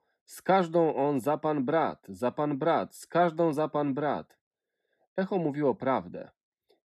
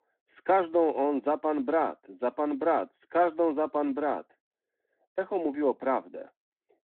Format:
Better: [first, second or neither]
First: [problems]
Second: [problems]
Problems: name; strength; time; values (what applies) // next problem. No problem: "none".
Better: first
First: none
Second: phone-call audio